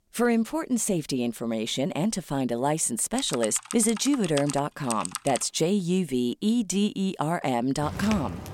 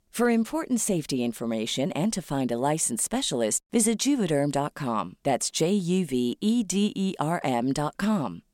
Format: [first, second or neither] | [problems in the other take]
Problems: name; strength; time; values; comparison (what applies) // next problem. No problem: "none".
second | keyboard typing; noticeable; from 3 to 5.5 s; peak 7 dB below the speech // footsteps; noticeable; at 8 s; peak 8 dB below the speech